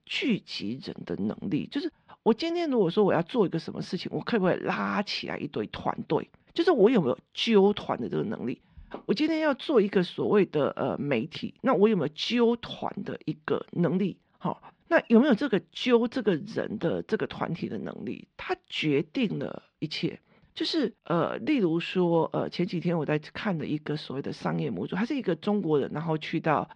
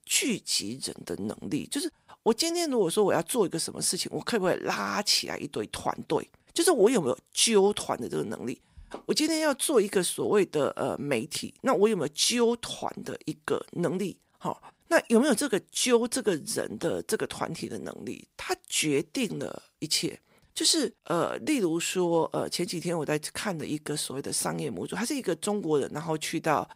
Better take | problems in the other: second | muffled; slightly; fading above 3.5 kHz

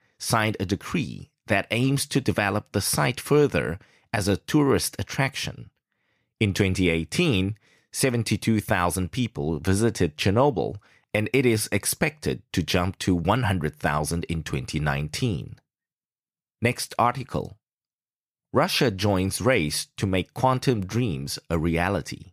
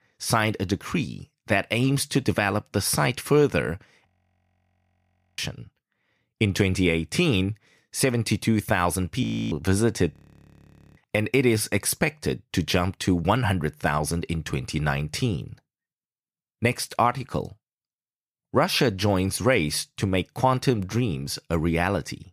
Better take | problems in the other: first | audio freezing; at 4 s for 1.5 s, at 9 s and at 10 s for 1 s

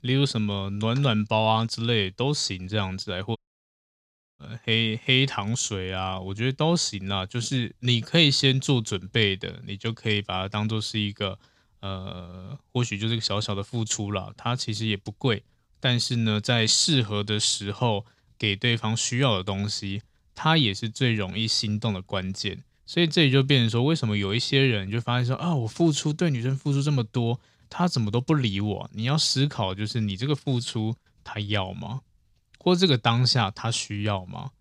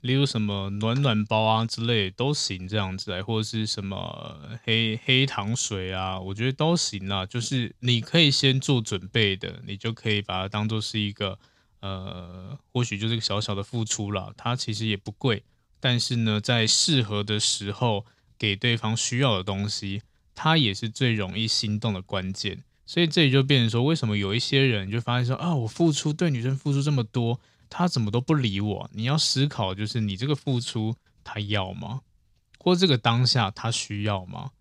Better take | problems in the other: second | audio cutting out; at 3.5 s for 1 s

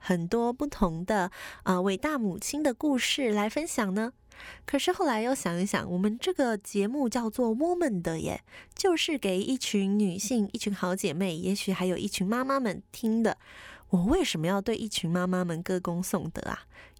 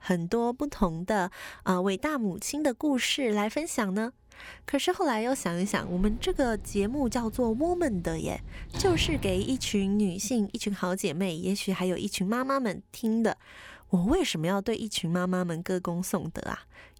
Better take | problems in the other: first | door banging; noticeable; from 6 to 10 s; peak 4 dB below the speech

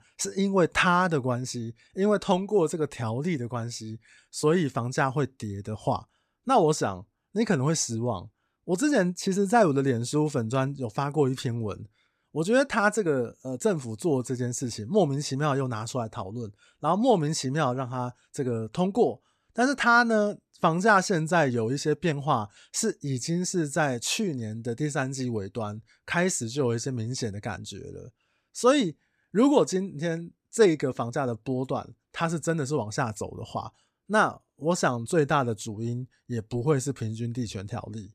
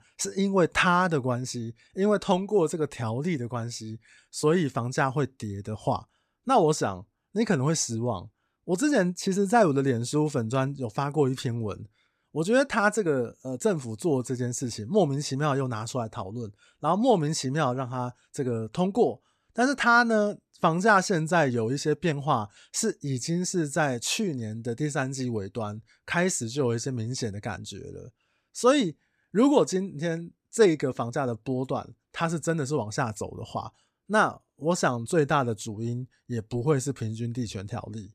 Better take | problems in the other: neither | none

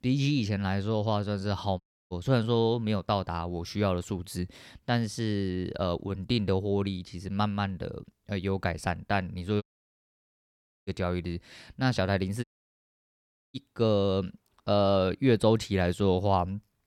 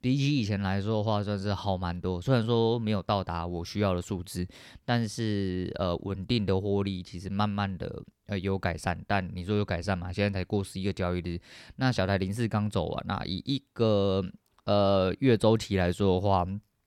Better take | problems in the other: second | audio cutting out; at 2 s, at 9.5 s for 1.5 s and at 12 s for 1 s

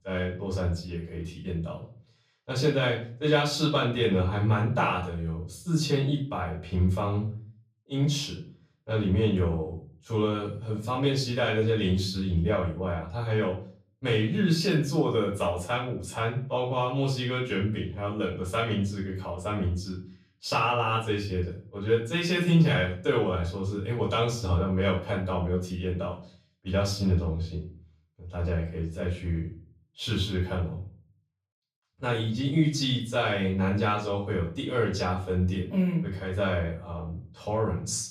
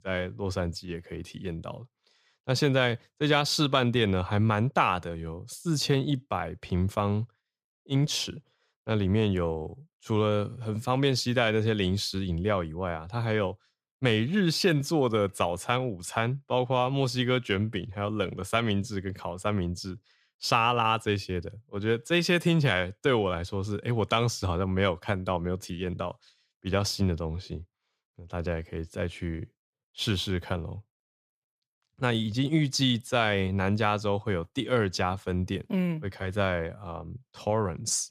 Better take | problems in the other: second | room echo; slight; dies away in 0.4 s // off-mic speech; far

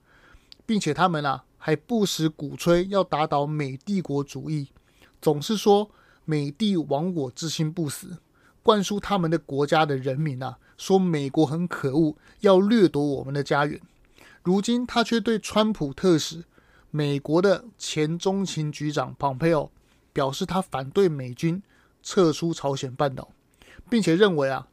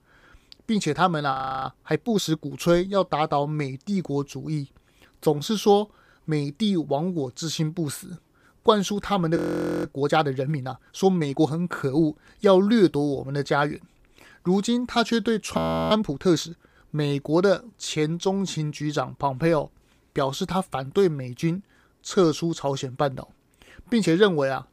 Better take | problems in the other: first | audio freezing; at 1.5 s, at 9.5 s and at 16 s

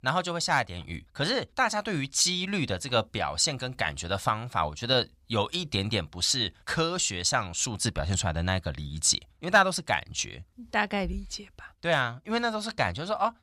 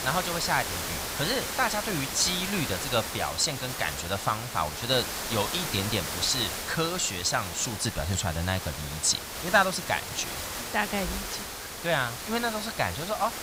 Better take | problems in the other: first | hiss; loud; throughout; 5 dB below the speech

